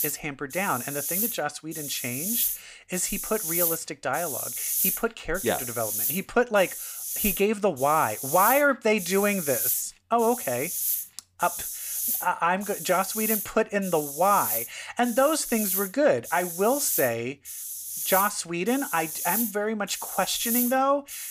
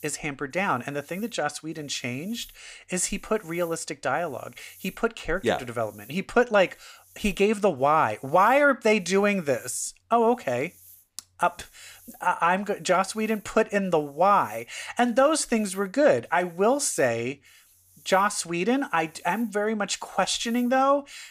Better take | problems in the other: second | hiss; loud; throughout; 2 dB below the speech; faint in the second

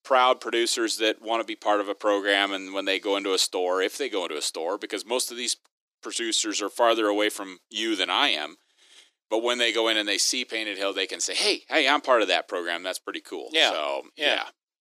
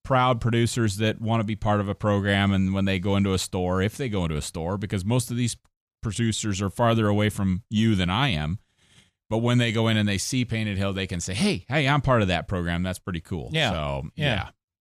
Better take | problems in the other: second | thin; very; fading below 300 Hz

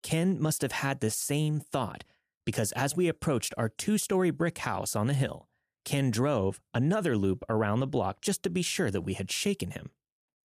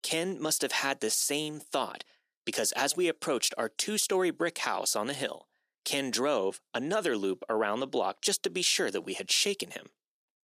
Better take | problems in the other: first | thin; somewhat; fading below 300 Hz

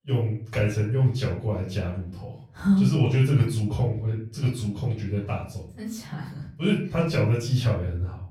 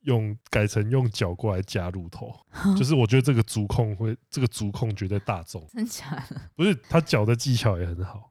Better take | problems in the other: second | off-mic speech; far // room echo; slight; dies away in 0.5 s

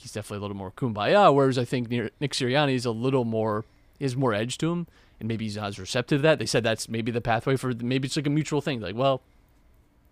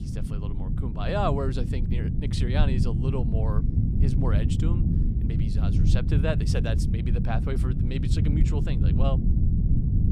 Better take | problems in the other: first | low rumble; loud; throughout; 3 dB below the speech

